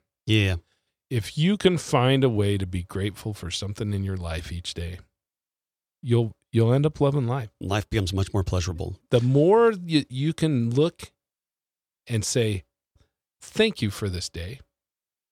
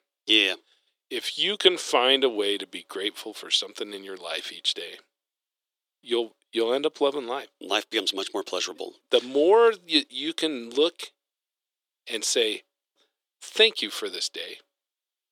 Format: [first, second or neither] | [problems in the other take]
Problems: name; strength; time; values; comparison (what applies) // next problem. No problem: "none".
first | thin; very; fading below 300 Hz